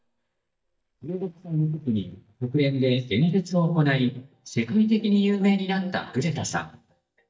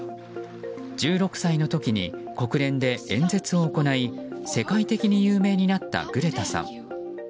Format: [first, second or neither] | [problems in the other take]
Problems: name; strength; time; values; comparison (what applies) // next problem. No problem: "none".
second | noise reduction (neural mask model DeepFilterNet 3)